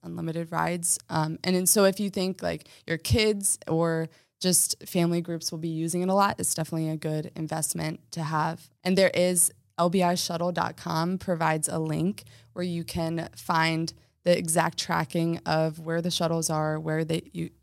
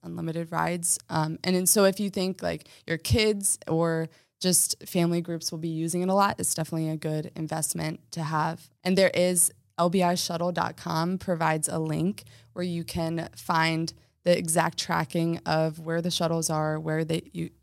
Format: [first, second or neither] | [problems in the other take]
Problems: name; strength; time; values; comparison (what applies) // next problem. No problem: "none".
neither | none